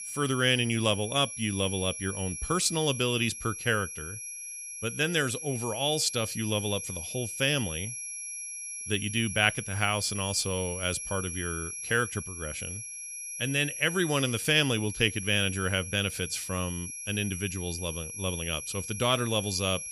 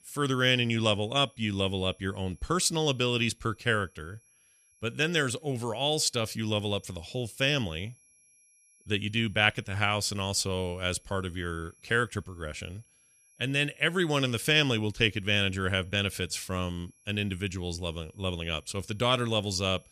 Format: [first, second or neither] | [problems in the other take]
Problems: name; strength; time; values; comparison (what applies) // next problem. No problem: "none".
second | high-pitched whine; loud; throughout; 11 kHz, 7 dB below the speech; faint in the second